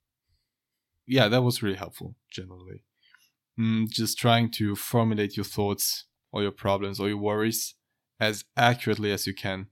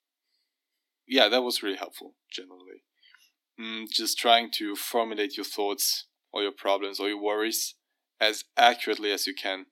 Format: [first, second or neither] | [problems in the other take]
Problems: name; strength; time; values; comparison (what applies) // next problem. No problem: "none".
first | thin; somewhat; fading below 250 Hz